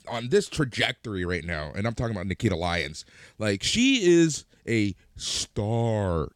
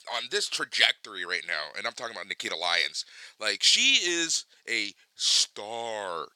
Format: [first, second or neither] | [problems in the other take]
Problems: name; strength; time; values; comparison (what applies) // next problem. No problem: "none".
first | thin; very; fading below 900 Hz